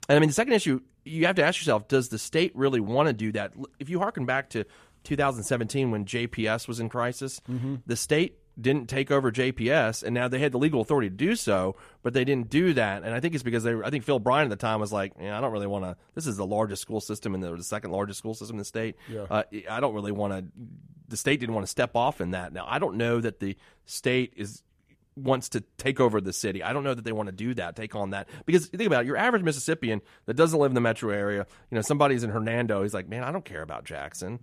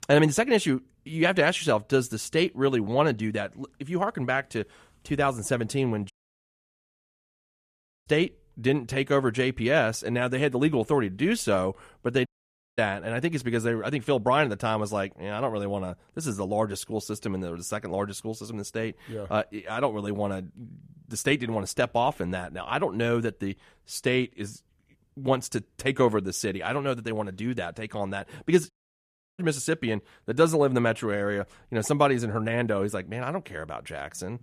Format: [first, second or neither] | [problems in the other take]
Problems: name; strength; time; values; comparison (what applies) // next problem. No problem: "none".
first | audio cutting out; at 6 s for 2 s, at 12 s for 0.5 s and at 29 s for 0.5 s